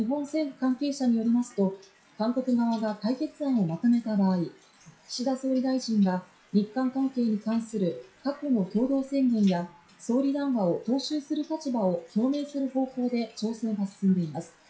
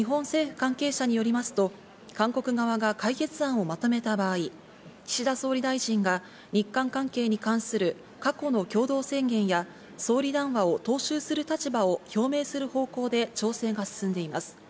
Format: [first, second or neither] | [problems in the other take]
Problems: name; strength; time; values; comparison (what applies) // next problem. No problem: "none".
second | noise reduction (classical method WPE with log-MMSE)